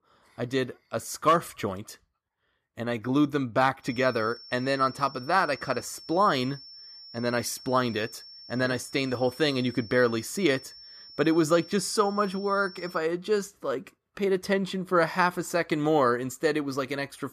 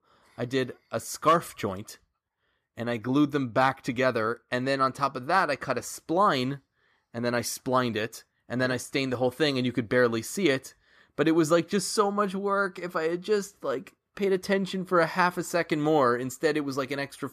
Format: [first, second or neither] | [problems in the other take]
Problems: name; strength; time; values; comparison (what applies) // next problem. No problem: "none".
second | high-pitched whine; noticeable; from 4 to 13 s; 5.5 kHz, 15 dB below the speech